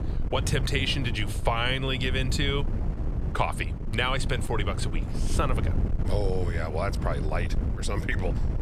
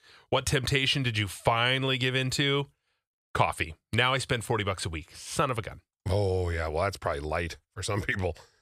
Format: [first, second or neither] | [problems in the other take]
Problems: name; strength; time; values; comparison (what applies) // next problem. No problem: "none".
second | wind noise on the microphone; occasional gusts; 10 dB below the speech